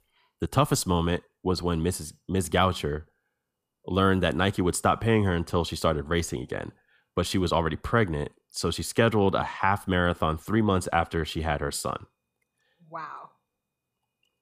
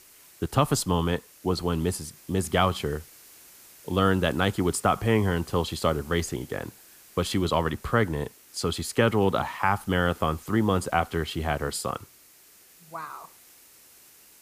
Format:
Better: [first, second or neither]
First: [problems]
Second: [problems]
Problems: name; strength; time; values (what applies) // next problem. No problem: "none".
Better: first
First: none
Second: hiss; faint; throughout; 25 dB below the speech